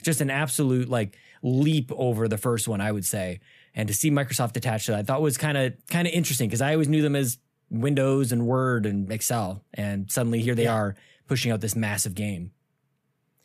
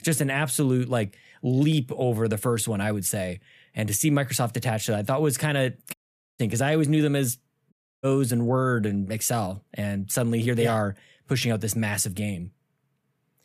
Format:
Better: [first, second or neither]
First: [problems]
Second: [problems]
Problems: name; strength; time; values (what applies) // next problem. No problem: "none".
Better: first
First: none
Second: audio cutting out; at 6 s and at 7.5 s